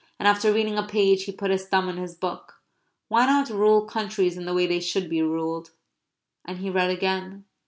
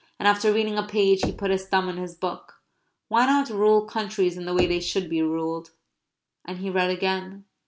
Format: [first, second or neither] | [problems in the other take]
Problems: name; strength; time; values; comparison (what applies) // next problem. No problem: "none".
first | background sound (Knock / Wood); 14 dB below the speech